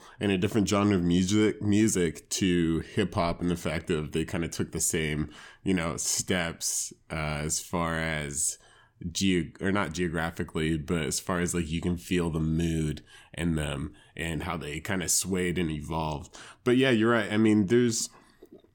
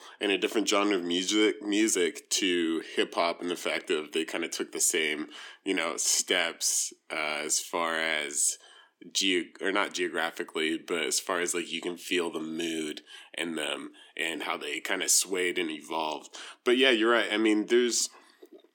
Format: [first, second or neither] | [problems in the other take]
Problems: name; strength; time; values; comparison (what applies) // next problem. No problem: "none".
first | thin; somewhat; fading below 300 Hz